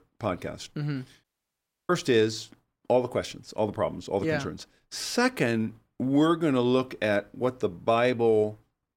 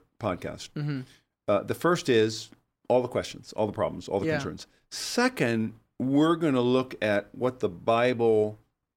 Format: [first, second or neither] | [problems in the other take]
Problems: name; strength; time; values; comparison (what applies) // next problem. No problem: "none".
second | audio cutting out; at 1 s for 0.5 s